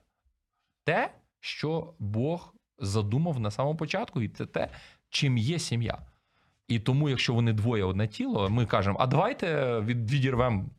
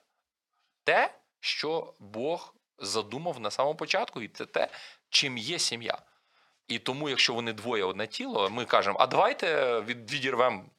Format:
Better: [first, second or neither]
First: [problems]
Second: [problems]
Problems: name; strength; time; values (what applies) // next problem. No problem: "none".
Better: first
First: none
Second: thin; very; fading below 450 Hz